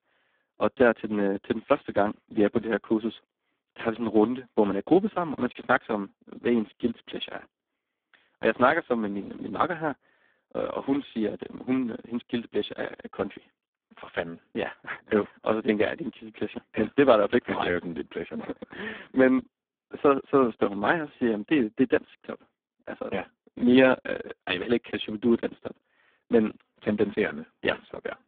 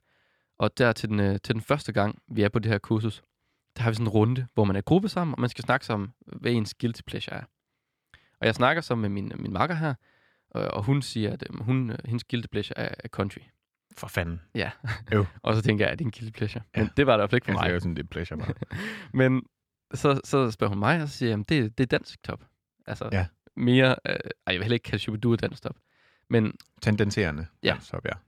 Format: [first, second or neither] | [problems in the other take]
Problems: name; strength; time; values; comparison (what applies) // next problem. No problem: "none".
second | phone-call audio; poor line